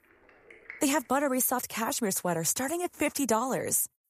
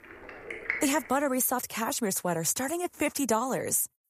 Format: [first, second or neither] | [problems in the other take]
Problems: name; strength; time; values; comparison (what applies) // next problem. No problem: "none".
first | rain or running water; loud; at the start; 8 dB below the speech; faint in the first